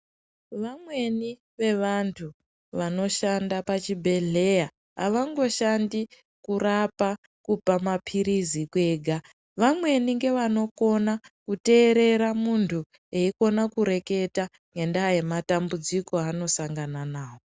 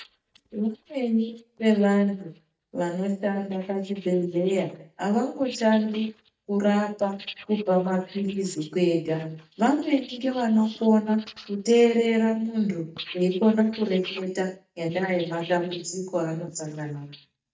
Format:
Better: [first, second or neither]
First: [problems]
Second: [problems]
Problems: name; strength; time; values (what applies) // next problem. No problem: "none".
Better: first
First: none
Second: noise reduction (neural mask model DeepFilterNet 3)